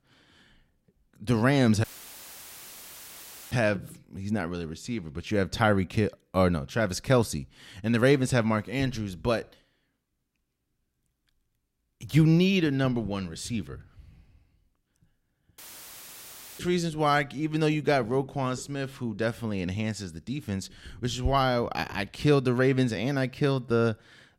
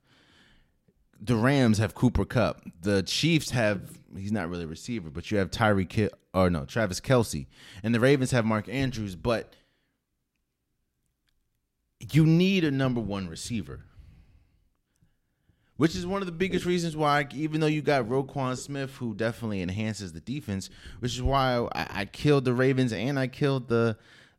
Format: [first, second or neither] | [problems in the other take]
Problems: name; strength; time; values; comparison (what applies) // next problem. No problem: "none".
second | audio cutting out; filled with static; at 2 s for 1.5 s and at 16 s for 1 s